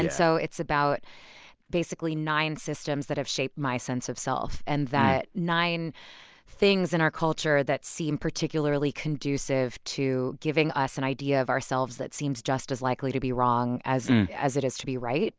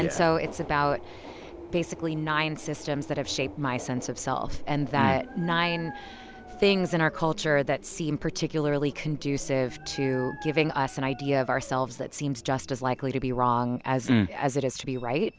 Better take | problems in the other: first | background sound (Subway, metro, underground + Dog); 16 dB below the speech

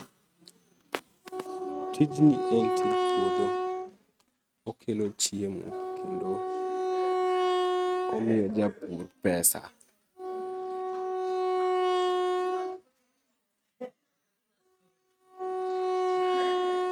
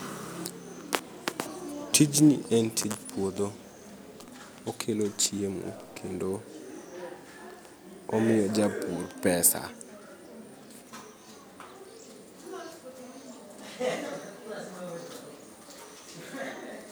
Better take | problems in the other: second | noise reduction (neural mask model RNNoise)

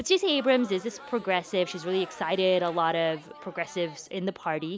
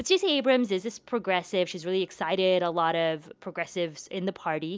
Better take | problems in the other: second | background sound (Crowd); 19 dB below the speech

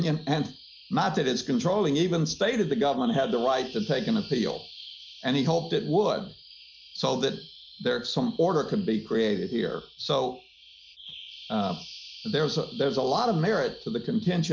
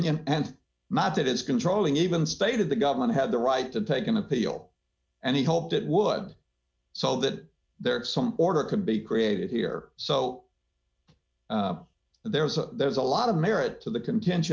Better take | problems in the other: second | background sound (Bird vocalization, bird call, bird song); 19 dB below the speech

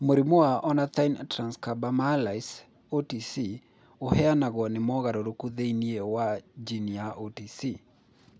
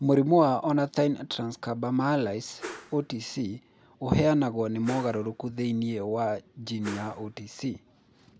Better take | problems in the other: first | background sound (Whoosh, swoosh, swish); 16 dB below the speech

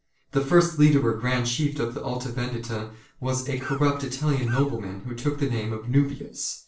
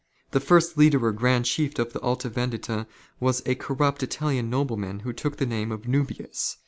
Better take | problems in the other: second | noise reduction (neural separator model SepFormer DNS4)

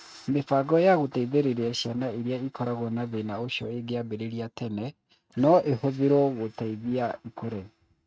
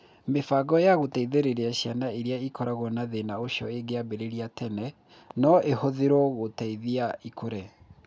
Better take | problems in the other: second | noise reduction (neural mask model RNNoise)

